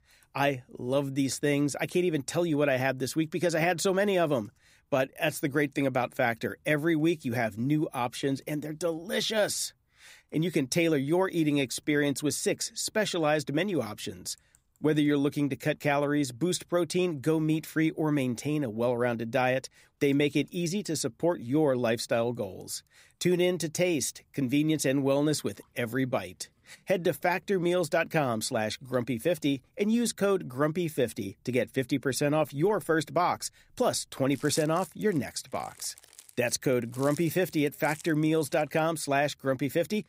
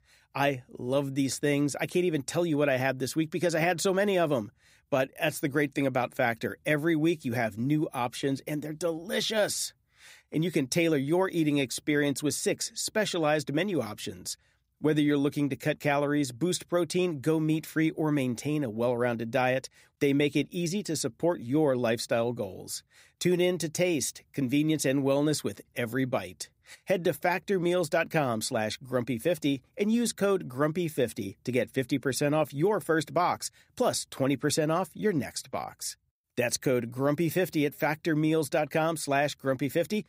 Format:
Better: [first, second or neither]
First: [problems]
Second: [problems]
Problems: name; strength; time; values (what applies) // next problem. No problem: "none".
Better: second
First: household noises; faint; throughout; 20 dB below the speech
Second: none